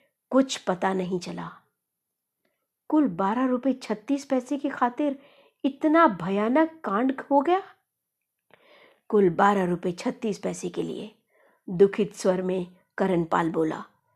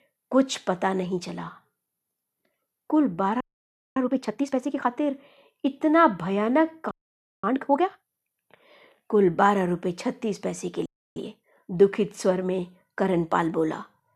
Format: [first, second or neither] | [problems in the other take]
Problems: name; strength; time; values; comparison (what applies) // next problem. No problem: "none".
first | audio freezing; at 3.5 s for 0.5 s, at 7 s for 0.5 s and at 11 s